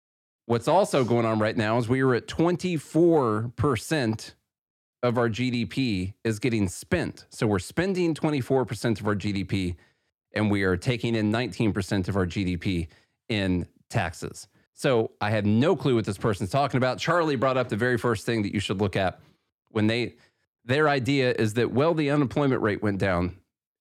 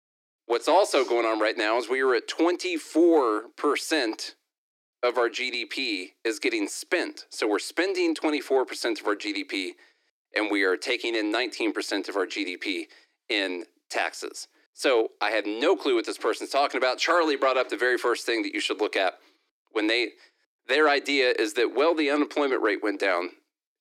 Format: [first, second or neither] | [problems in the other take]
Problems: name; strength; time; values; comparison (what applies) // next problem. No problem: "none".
first | thin; somewhat; fading below 300 Hz